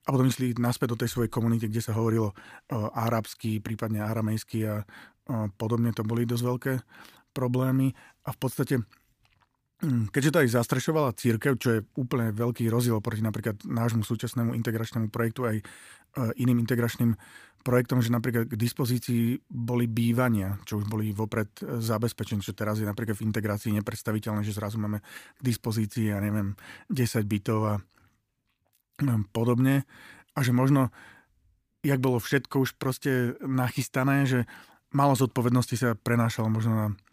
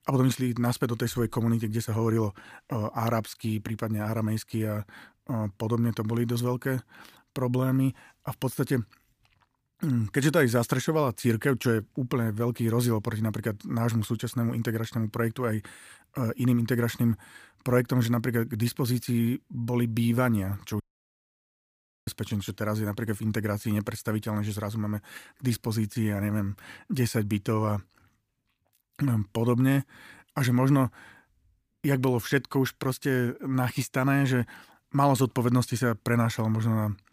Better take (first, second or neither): first